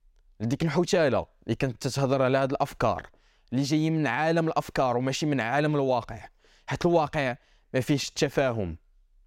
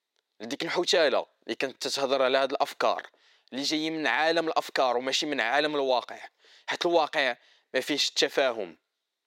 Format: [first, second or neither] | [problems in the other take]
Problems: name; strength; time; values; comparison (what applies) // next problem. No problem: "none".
first | thin; somewhat; fading below 350 Hz